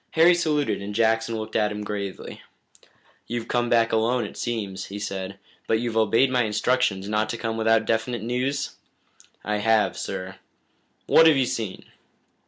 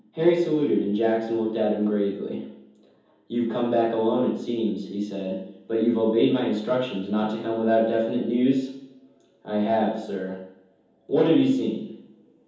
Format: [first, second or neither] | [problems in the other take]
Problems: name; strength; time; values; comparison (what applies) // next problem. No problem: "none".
first | room echo; dies away in 0.9 s